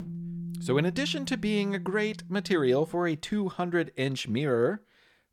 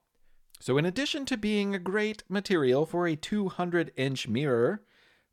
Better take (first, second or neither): second